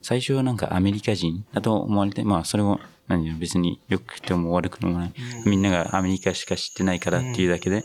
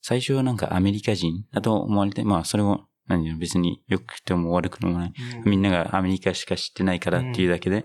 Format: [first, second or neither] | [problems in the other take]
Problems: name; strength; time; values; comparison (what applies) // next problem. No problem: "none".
second | animal sounds; noticeable; throughout; 20 dB below the speech